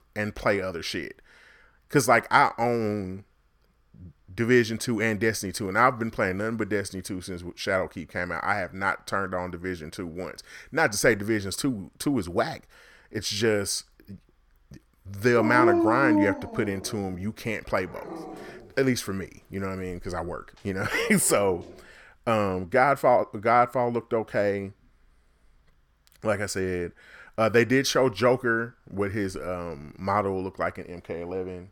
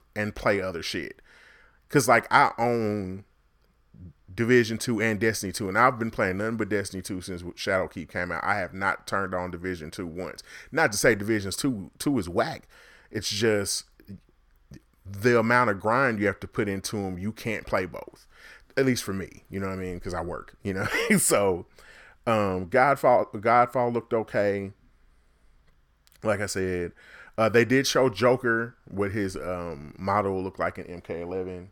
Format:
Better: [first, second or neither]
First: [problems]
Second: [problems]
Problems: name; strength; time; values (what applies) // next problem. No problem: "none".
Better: second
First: dog barking; loud; from 15 to 22 s; peak 4 dB above the speech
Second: none